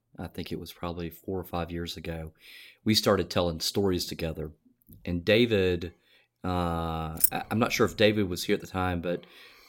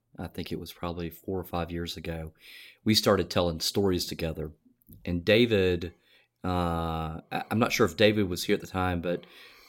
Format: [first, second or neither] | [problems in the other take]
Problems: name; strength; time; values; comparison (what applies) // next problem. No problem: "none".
second | jangling keys; loud; at 7 s; peak 4 dB above the speech